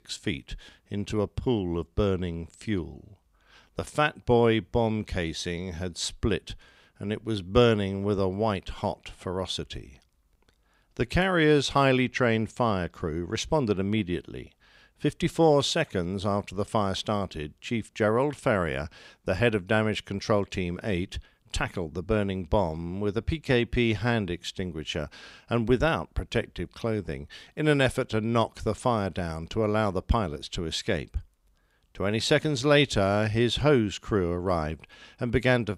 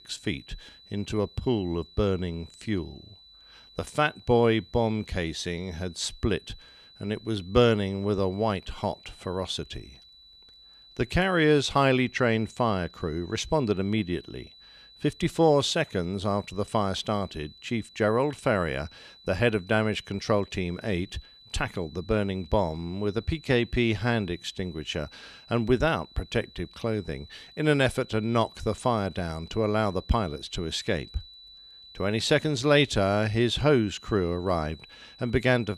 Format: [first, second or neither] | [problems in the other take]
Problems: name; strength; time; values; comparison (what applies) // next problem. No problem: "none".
first | high-pitched whine; faint; throughout; 4 kHz, 20 dB below the speech